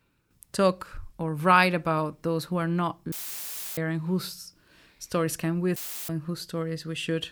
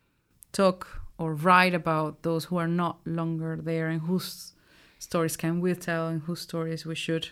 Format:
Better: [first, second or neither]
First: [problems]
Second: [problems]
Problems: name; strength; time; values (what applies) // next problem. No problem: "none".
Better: second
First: audio cutting out; filled with static; at 3 s for 0.5 s and at 6 s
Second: none